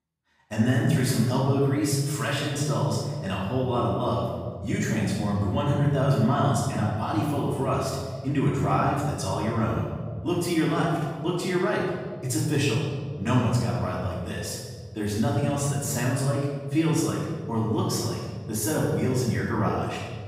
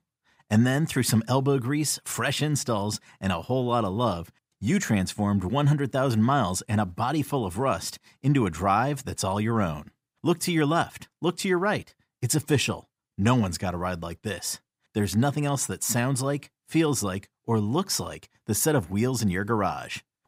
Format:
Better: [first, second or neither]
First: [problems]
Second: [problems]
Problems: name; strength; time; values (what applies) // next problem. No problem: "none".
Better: second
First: off-mic speech; far // room echo; strong; dies away in 1.8 s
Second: none